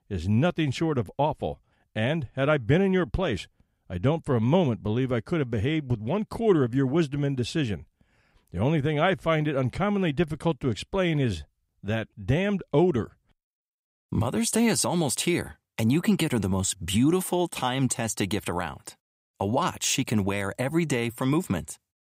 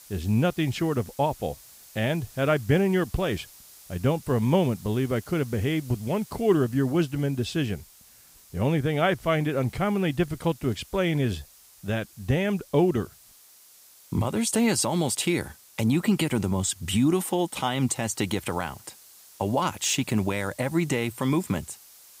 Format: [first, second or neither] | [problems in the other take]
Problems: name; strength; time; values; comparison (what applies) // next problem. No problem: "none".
first | hiss; faint; throughout; 20 dB below the speech